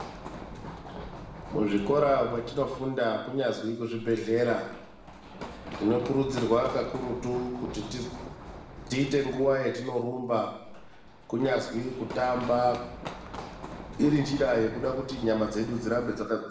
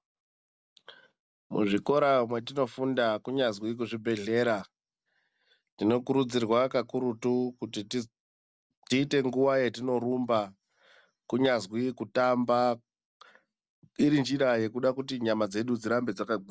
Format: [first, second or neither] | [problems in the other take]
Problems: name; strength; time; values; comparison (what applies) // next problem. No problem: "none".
second | background sound (Run); 13 dB below the speech // room echo; dies away in 0.8 s